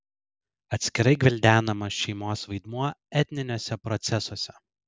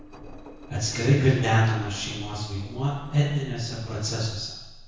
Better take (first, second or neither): first